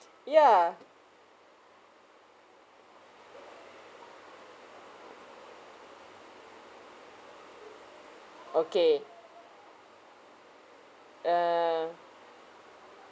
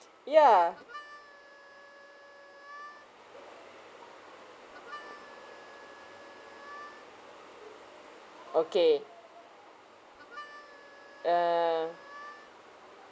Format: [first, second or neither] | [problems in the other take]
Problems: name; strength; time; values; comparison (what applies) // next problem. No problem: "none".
first | background sound (Harmonica); 19 dB below the speech